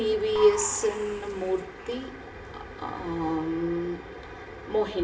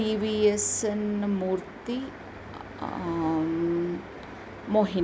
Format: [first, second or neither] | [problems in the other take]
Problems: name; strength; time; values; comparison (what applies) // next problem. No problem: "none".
second | background sound (Applause / Crowd); 16 dB below the speech // room echo; dies away in 0.8 s